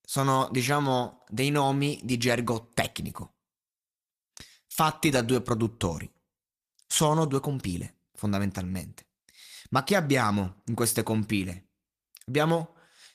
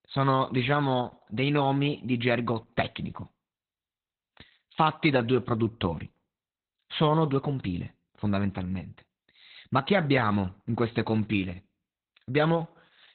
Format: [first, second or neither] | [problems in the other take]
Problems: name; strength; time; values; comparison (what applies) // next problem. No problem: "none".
first | garbled, watery; badly; nothing above 4 kHz; slightly in the first